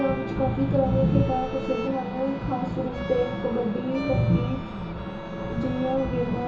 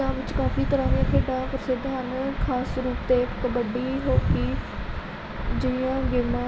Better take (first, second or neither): second